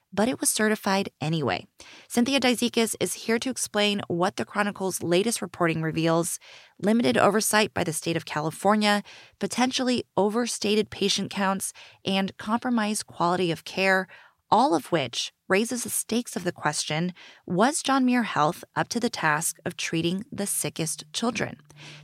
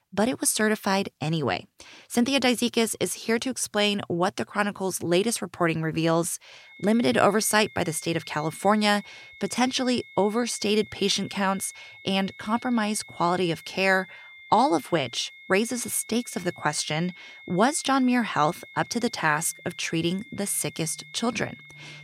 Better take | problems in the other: first | high-pitched whine; faint; from 6.5 s on; 2 kHz, 20 dB below the speech

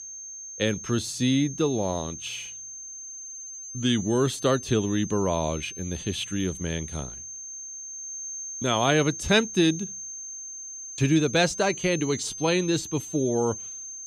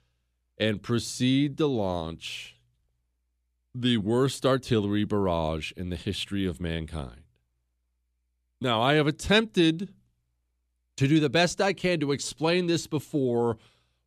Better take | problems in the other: second | high-pitched whine; loud; throughout; 6.5 kHz, 10 dB below the speech

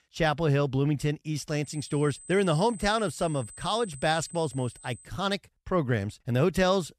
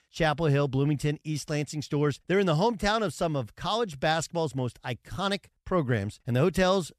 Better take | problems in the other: second | high-pitched whine; noticeable; from 1.5 to 5 s; 8 kHz, 15 dB below the speech

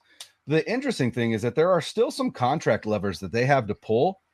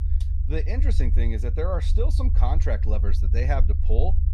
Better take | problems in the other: first | low rumble; loud; throughout; 10 dB below the speech

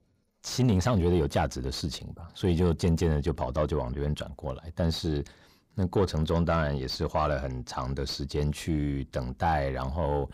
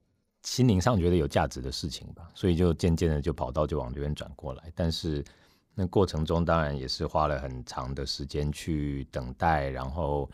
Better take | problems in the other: second | distortion; slight; 10 dB below the speech

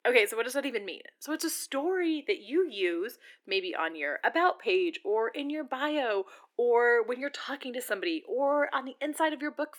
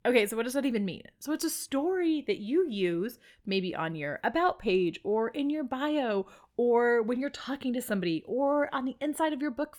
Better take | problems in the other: second | thin; somewhat; fading below 300 Hz

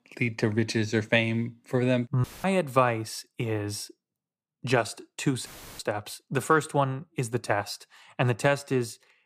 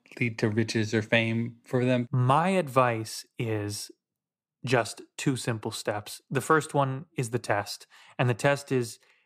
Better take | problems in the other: second | audio cutting out; filled with static; at 2 s and at 5.5 s

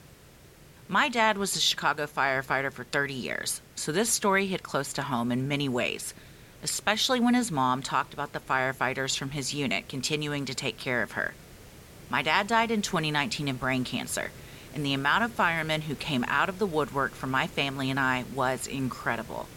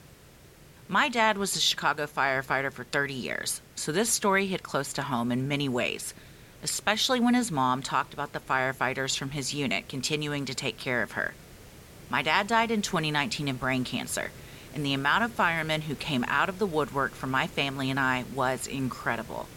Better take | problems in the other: neither | hiss; faint; throughout; 20 dB below the speech; the same in both

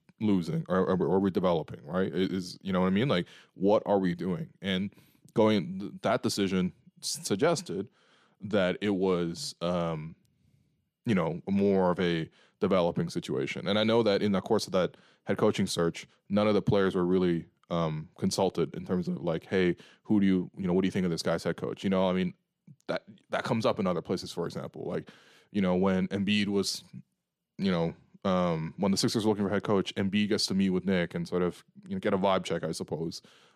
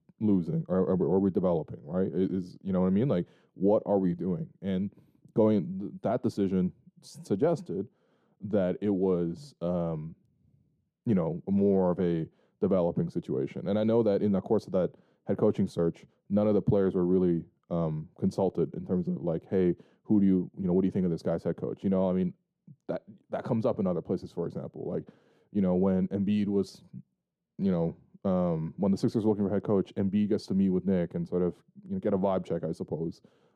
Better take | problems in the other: first | muffled; very; fading above 1 kHz

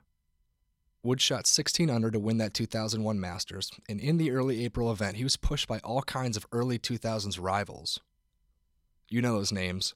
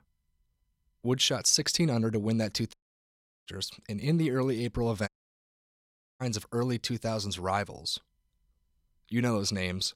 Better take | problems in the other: first | audio cutting out; at 2.5 s for 0.5 s and at 5 s for 1 s

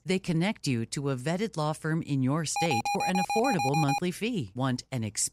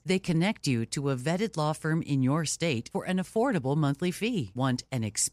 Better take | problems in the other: second | alarm; loud; from 2.5 to 4 s; peak 1 dB above the speech

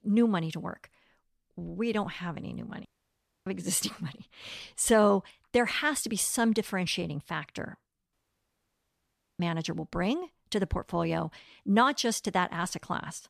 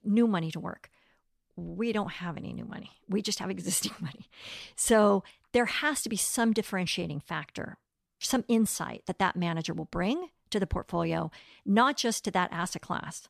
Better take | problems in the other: second | audio cutting out; at 3 s for 0.5 s and at 8 s for 1.5 s

